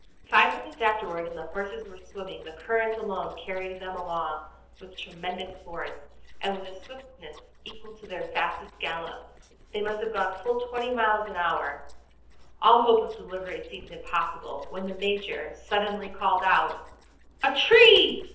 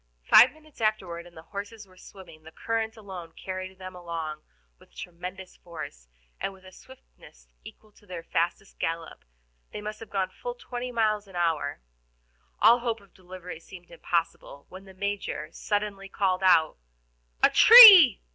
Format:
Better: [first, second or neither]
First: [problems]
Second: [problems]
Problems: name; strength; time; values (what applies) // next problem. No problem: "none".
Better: second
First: noise reduction (neural separator model SepFormer DNS4)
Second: none